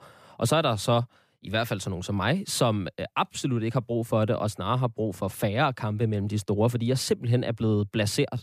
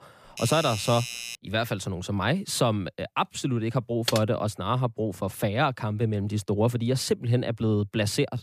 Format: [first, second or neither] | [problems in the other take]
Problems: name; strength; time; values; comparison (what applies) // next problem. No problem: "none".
first | doorbell; noticeable; until 1.5 s; peak 6 dB below the speech // keyboard typing; noticeable; at 4 s; peak 3 dB below the speech